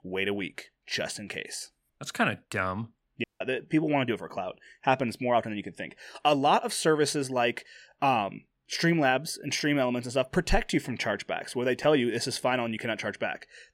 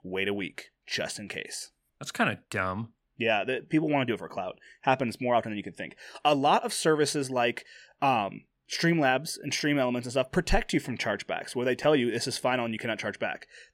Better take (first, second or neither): second